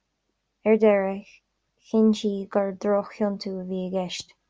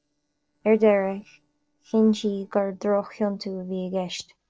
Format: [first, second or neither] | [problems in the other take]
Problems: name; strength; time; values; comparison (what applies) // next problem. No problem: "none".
first | noise reduction (neural separator model SepFormer DNS4)